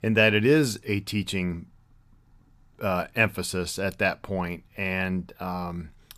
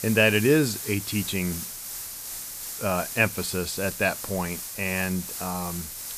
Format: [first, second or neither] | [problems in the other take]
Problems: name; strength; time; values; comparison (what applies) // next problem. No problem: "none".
first | hiss; loud; throughout; 7 dB below the speech